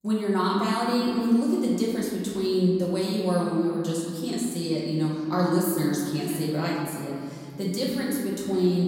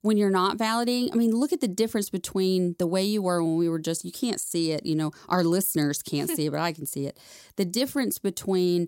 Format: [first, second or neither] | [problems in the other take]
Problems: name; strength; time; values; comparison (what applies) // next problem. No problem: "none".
second | room echo; noticeable; dies away in 2.2 s // off-mic speech; far